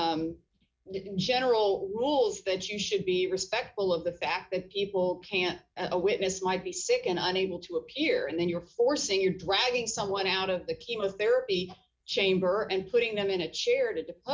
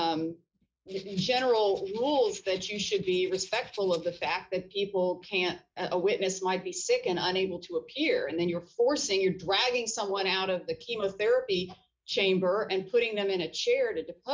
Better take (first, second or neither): first